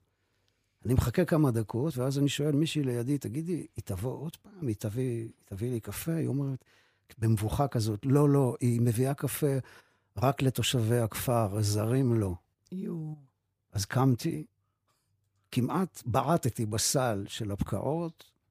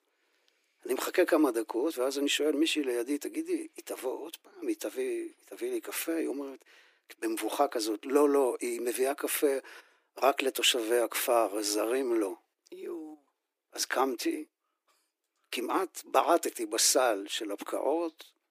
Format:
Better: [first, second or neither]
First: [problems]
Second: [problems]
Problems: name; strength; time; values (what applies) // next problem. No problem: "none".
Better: first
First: none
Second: thin; very; fading below 300 Hz